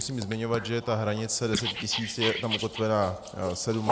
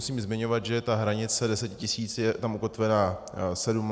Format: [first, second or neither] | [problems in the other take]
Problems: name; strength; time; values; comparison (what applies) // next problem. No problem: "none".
second | noise reduction (neural mask model Resemble Enhance denoiser)